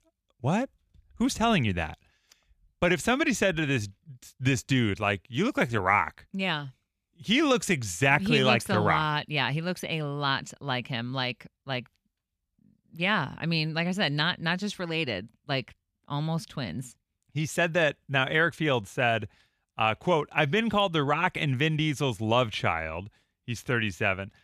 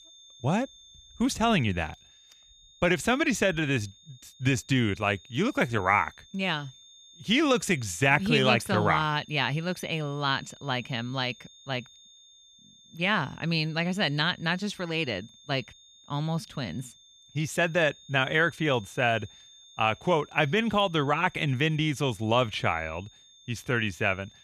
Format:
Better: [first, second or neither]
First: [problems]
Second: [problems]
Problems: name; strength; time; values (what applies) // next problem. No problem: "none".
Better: first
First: none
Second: high-pitched whine; faint; throughout; 3.5 kHz, 25 dB below the speech